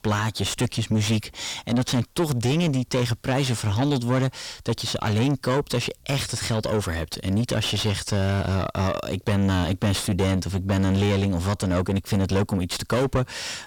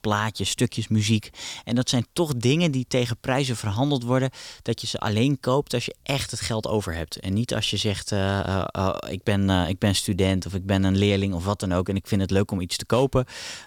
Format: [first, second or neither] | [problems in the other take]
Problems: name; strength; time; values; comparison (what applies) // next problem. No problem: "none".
second | distortion; heavy; 7 dB below the speech